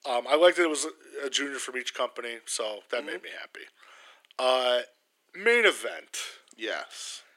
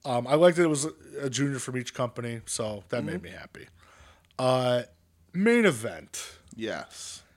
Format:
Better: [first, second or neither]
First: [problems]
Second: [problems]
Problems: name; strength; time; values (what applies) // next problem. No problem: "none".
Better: second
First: thin; very; fading below 350 Hz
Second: none